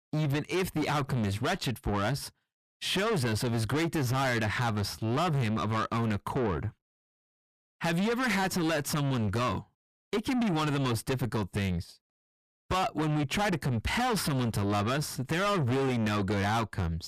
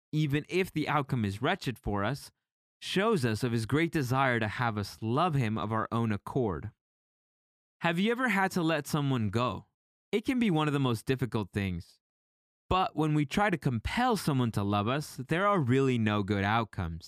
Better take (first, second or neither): second